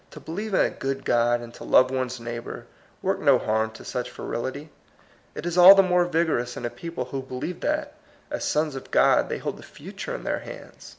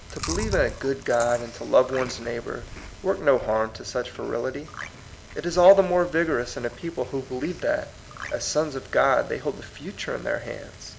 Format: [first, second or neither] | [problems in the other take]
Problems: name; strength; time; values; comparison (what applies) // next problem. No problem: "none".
first | background sound (Marimba, xylophone + Chewing, mastication); 14 dB below the speech